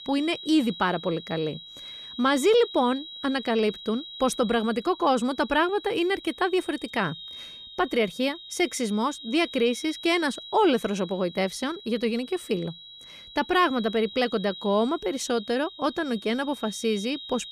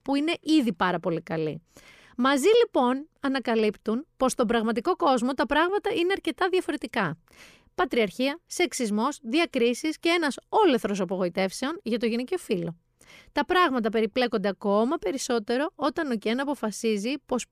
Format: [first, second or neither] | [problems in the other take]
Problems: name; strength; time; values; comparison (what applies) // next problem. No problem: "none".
second | high-pitched whine; noticeable; throughout; 4 kHz, 15 dB below the speech